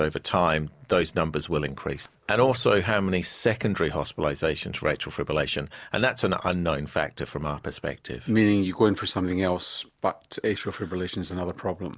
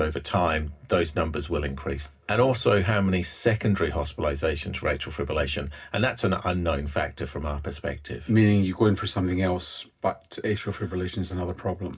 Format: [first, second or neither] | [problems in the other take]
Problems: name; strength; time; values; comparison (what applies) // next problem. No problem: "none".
first | room echo; dies away in 0.4 s